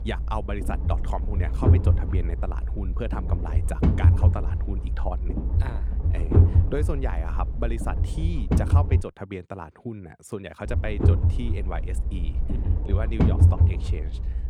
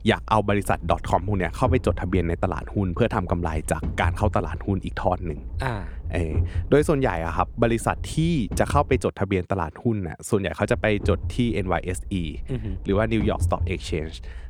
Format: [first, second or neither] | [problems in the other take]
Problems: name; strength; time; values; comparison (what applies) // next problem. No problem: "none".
second | low rumble; loud; until 9 s and from 11 s on; 1 dB below the speech; faint in the second